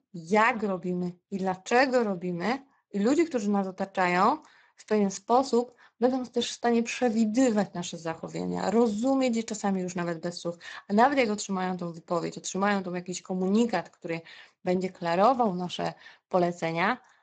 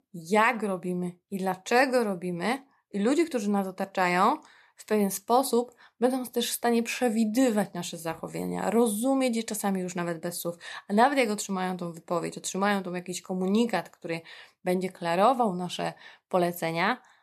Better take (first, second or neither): second